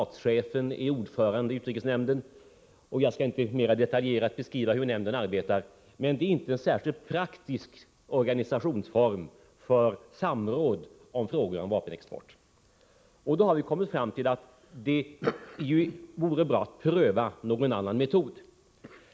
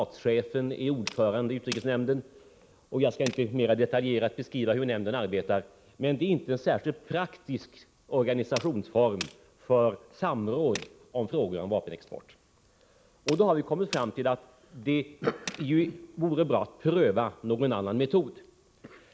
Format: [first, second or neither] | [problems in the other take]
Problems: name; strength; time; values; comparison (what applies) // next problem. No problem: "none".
first | background sound (Tools); 17 dB below the speech